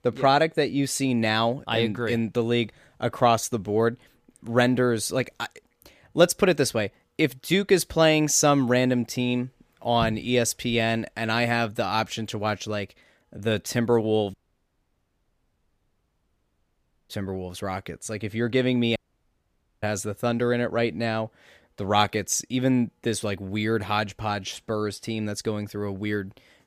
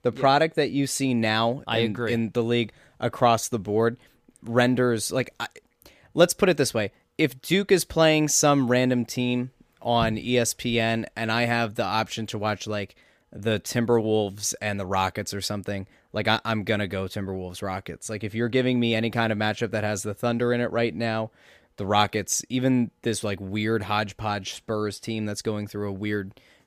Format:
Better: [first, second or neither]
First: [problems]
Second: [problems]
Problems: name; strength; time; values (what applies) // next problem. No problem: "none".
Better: second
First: audio cutting out; at 14 s for 3 s and at 19 s for 1 s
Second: none